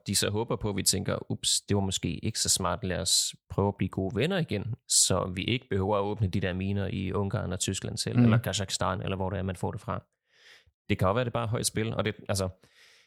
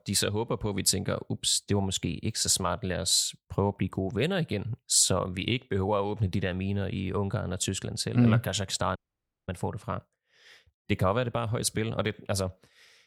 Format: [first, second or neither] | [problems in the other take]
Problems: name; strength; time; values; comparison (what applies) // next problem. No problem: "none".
first | audio cutting out; at 9 s for 0.5 s